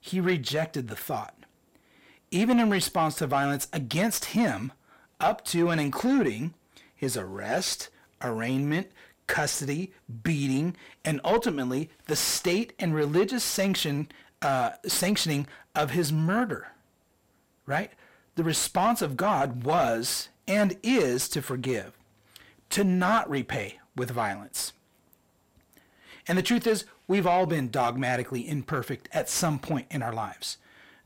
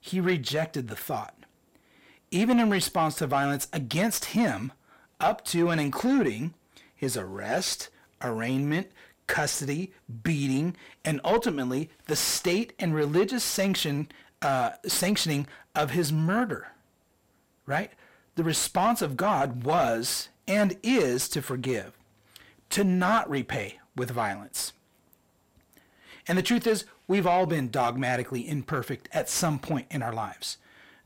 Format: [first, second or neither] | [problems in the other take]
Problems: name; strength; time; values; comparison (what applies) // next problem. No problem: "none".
neither | distortion; slight; 10 dB below the speech; the same in both